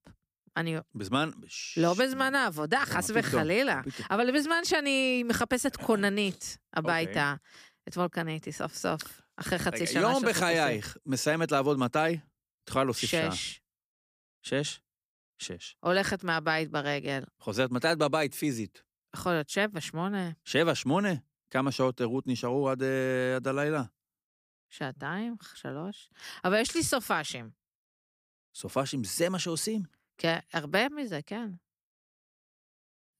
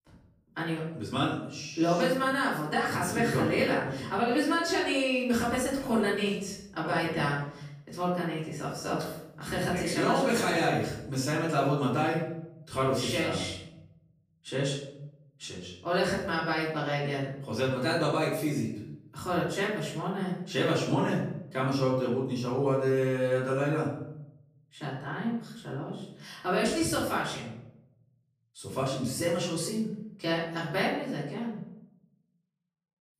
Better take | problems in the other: first | off-mic speech; far // room echo; noticeable; dies away in 0.7 s

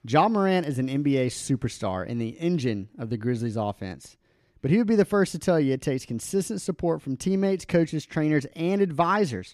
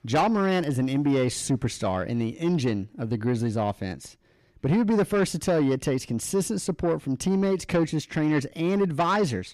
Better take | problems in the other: first | distortion; slight; 10 dB below the speech

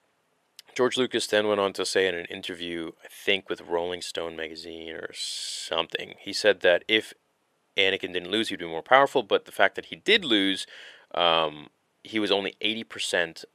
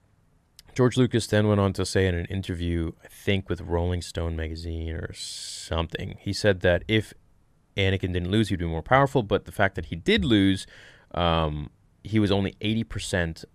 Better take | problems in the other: second | thin; somewhat; fading below 450 Hz

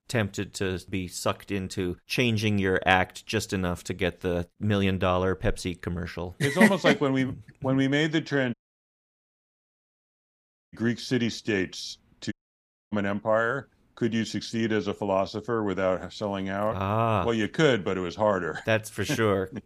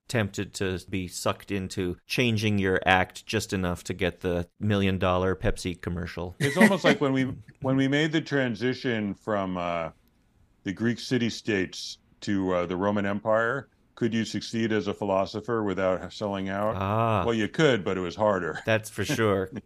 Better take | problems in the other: second | audio cutting out; at 8.5 s for 2 s and at 12 s for 0.5 s

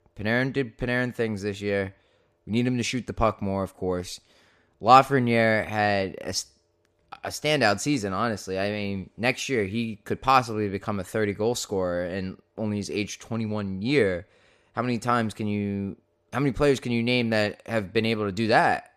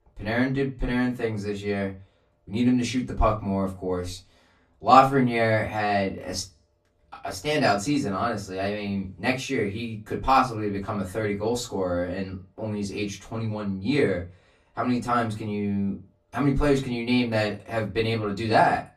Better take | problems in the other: first | off-mic speech; far // room echo; very slight; dies away in 0.2 s

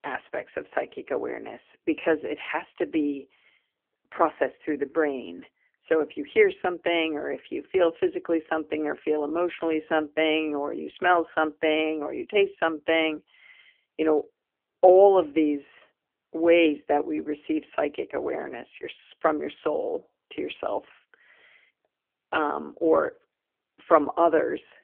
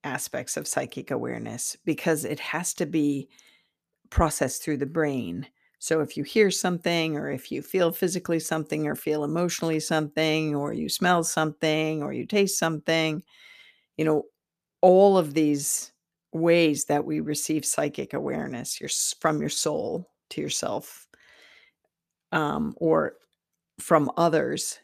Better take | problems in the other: second | phone-call audio; poor line; nothing above 3 kHz

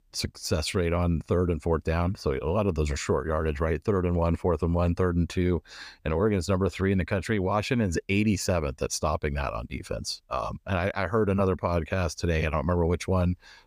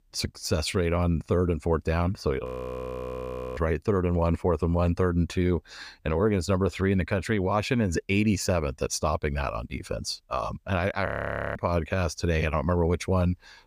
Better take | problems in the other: first | audio freezing; at 2.5 s for 1 s and at 11 s

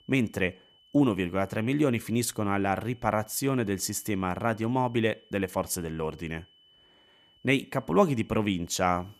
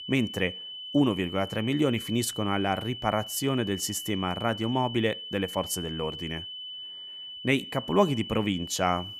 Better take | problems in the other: first | high-pitched whine; loud; throughout; 3 kHz, 9 dB below the speech; faint in the first

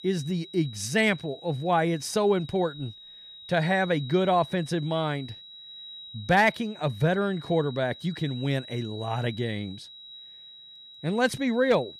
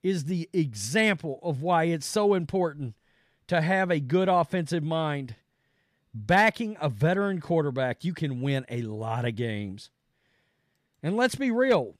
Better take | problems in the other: second | high-pitched whine; noticeable; throughout; 4 kHz, 15 dB below the speech

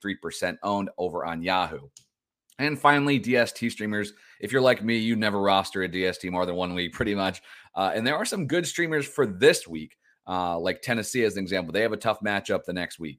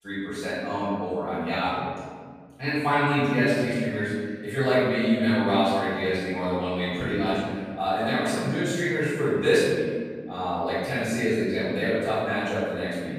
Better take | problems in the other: first | off-mic speech; far // room echo; strong; dies away in 1.9 s

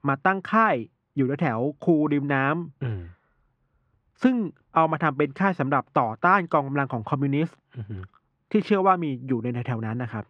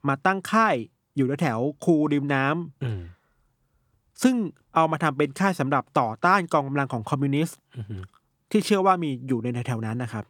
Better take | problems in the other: second | muffled; very; fading above 2 kHz

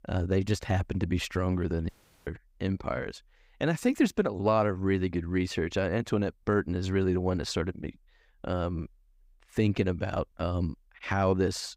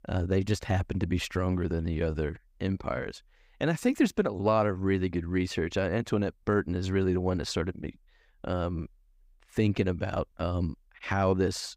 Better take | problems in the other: second | audio cutting out; at 2 s

